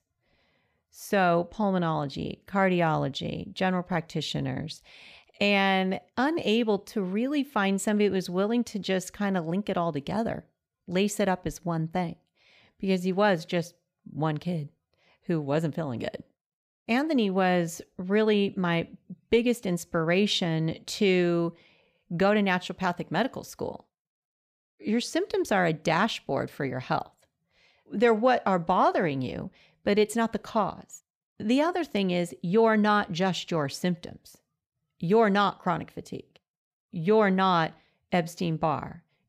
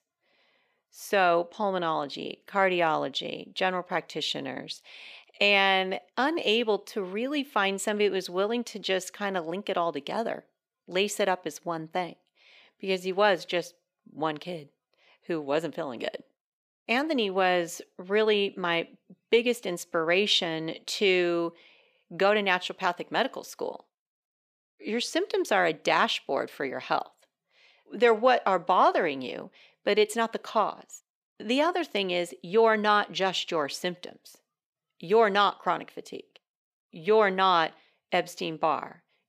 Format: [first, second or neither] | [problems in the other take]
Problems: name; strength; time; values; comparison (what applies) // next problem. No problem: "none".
first | thin; somewhat; fading below 350 Hz